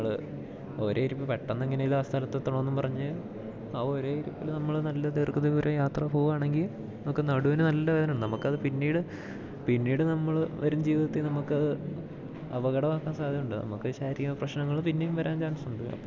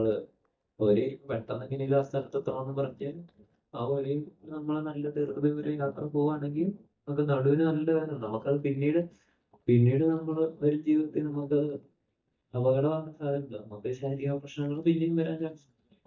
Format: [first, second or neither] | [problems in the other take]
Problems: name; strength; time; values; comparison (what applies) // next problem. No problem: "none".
first | noise reduction (neural mask model DeepFilterNet 3)